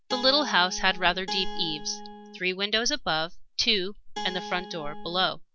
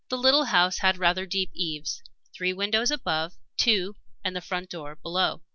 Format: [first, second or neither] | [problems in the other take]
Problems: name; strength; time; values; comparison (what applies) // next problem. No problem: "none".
second | background sound (Guitar); 11 dB below the speech